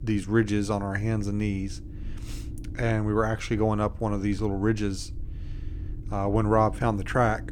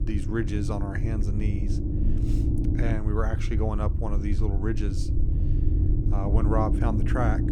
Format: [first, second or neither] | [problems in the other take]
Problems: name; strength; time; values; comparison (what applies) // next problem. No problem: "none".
first | low rumble; loud; throughout; 5 dB below the speech; faint in the first